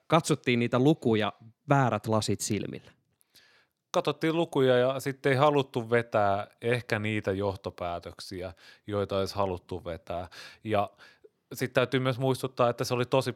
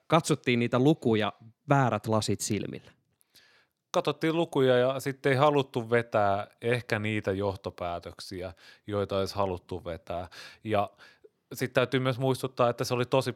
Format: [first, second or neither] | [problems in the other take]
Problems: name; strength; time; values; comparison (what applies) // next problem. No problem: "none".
neither | none